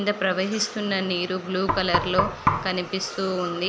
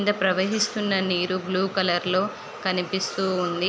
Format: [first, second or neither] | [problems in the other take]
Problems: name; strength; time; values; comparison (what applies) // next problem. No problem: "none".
second | background sound (Knock); 2 dB below the speech